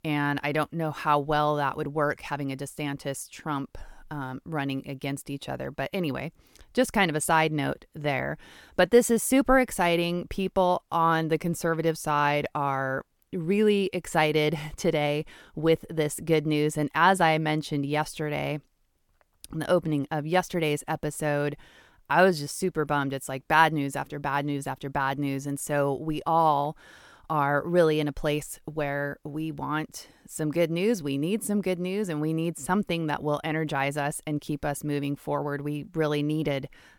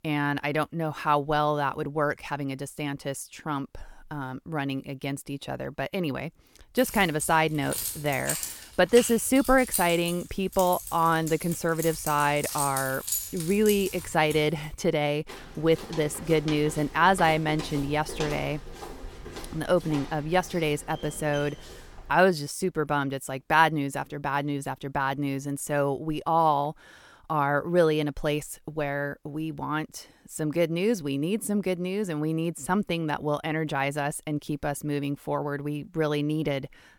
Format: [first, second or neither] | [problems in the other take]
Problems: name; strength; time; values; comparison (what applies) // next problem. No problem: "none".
first | jangling keys; noticeable; from 7 to 14 s; peak 2 dB below the speech // footsteps; noticeable; from 15 to 22 s; peak 8 dB below the speech